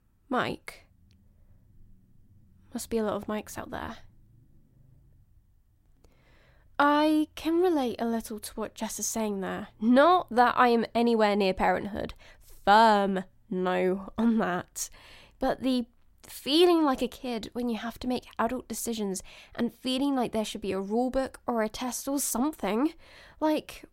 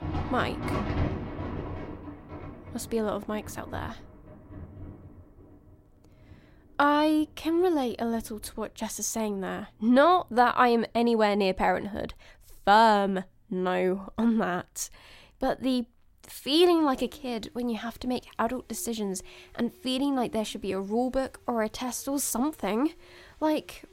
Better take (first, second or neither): first